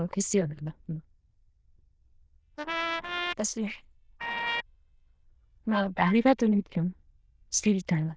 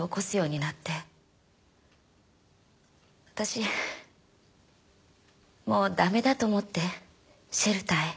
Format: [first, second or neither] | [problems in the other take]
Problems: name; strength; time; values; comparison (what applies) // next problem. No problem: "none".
second | noise reduction (neural diffusion model UNIVERSE++)